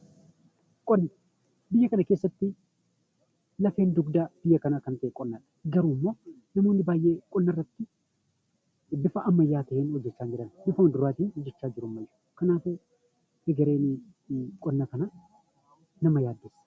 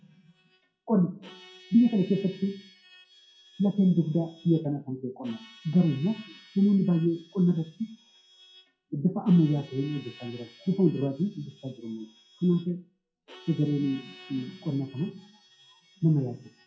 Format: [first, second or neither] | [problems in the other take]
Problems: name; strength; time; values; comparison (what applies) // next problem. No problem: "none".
first | noise reduction (classical method WPE with log-MMSE)